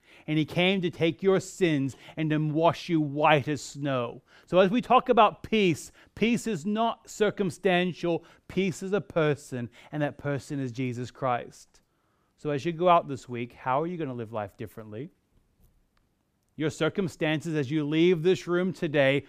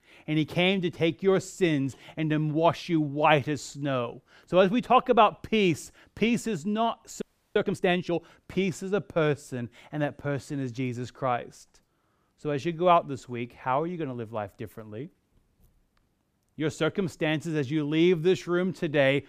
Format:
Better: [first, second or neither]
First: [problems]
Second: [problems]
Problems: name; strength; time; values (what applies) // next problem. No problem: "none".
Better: first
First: none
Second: audio freezing; at 7 s